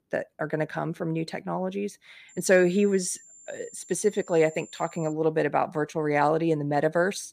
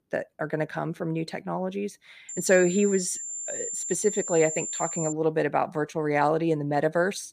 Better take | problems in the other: first | high-pitched whine; loud; from 2.5 to 5 s; 7.5 kHz, 5 dB below the speech; faint in the first

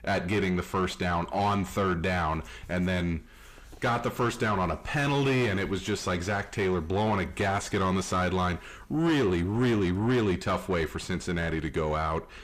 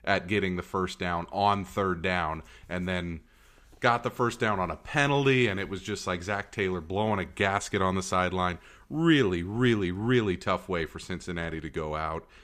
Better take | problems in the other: second | distortion; heavy; 6 dB below the speech

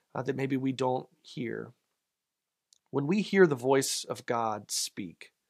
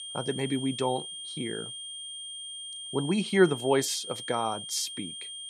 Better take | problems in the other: first | high-pitched whine; loud; throughout; 3 kHz, 8 dB below the speech

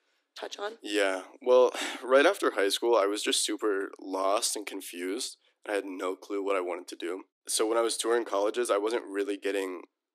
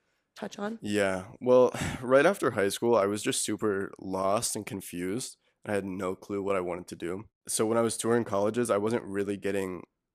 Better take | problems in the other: second | thin; very slightly; fading below 300 Hz

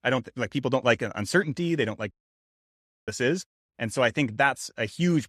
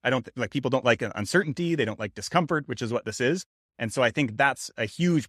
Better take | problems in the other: second | audio cutting out; at 2 s for 1 s

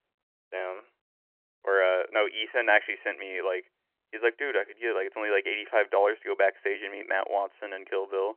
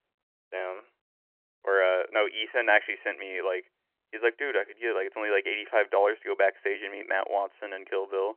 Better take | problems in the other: neither | phone-call audio; nothing above 3 kHz; the same in both

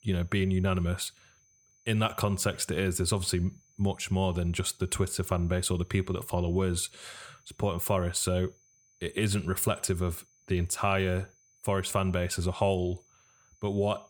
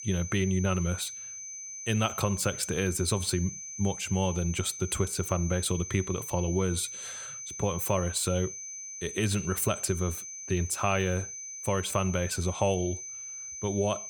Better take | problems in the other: first | high-pitched whine; loud; throughout; 6 kHz, 8 dB below the speech; faint in the first

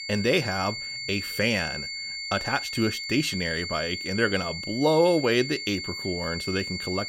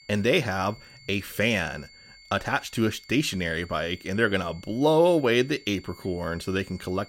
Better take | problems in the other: second | high-pitched whine; loud; throughout; 4.5 kHz, 5 dB below the speech; faint in the second

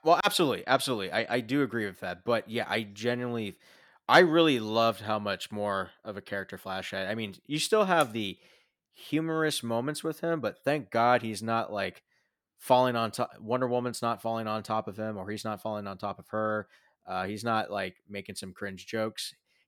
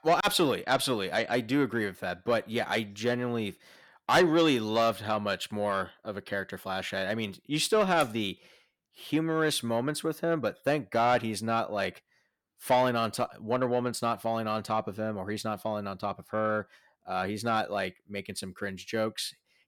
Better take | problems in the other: first | distortion; slight; 10 dB below the speech

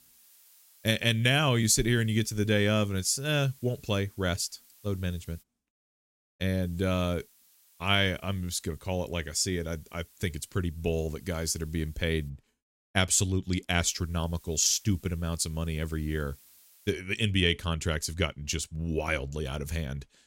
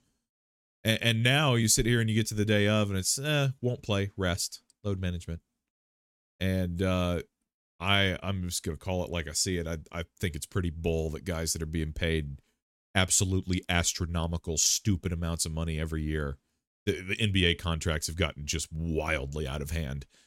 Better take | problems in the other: second | hiss; faint; until 5.5 s, from 6.5 to 12 s and from 14 to 17 s; 25 dB below the speech

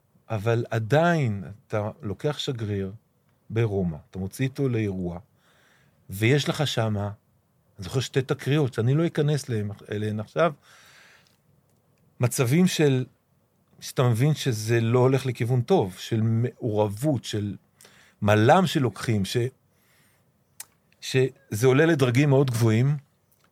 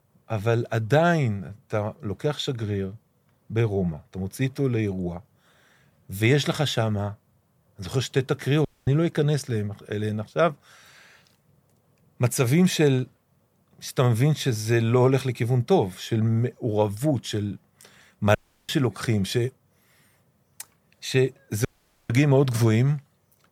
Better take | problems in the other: first | audio cutting out; at 8.5 s, at 18 s and at 22 s

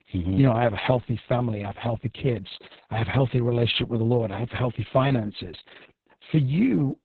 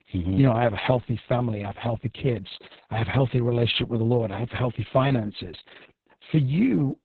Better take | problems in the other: neither | garbled, watery; badly; nothing above 4 kHz; the same in both

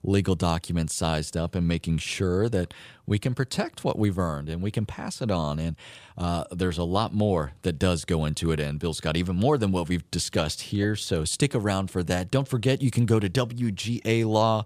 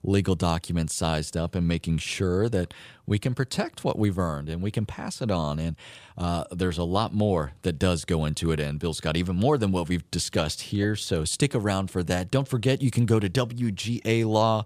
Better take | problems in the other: neither | none

